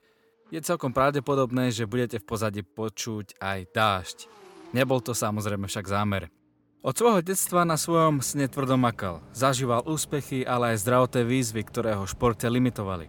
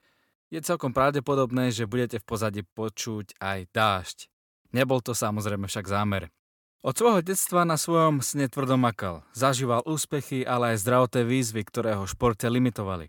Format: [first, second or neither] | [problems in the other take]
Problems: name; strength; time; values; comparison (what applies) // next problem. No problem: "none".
second | traffic noise; faint; throughout; 25 dB below the speech